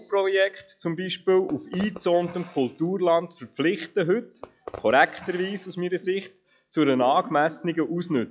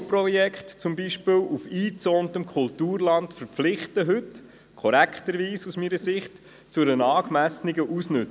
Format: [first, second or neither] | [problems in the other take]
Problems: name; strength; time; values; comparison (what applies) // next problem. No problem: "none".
second | noise reduction (classical method log-MMSE)